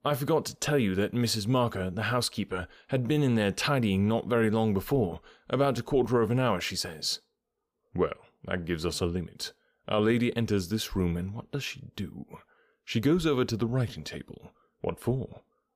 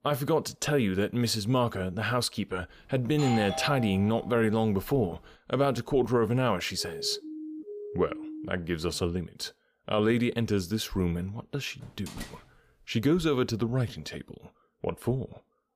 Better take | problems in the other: first | doorbell; noticeable; from 3 to 4.5 s; peak 5 dB below the speech // siren; faint; from 7 to 8.5 s; peak 10 dB below the speech // door banging; faint; at 12 s; peak 15 dB below the speech

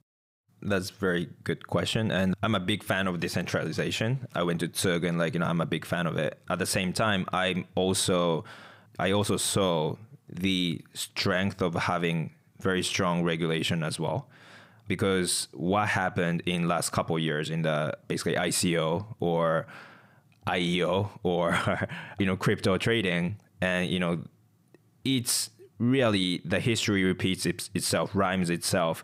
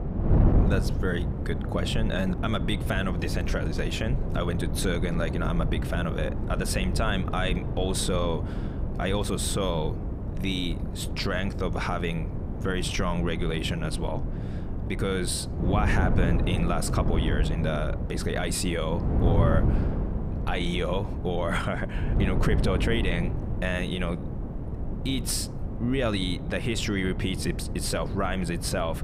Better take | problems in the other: first | wind noise on the microphone; heavy; 8 dB below the speech

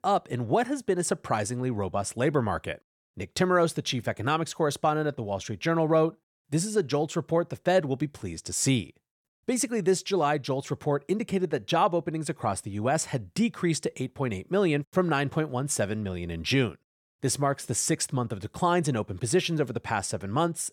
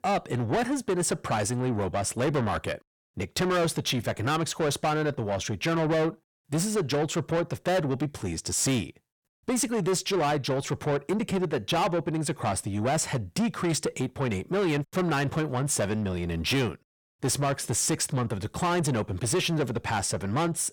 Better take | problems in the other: first | distortion; heavy; 8 dB below the speech

